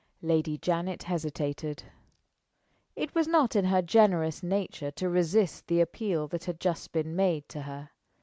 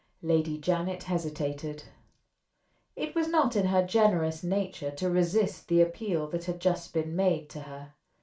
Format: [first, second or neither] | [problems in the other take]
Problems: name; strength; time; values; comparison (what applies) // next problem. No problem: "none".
first | room echo; dies away in 0.3 s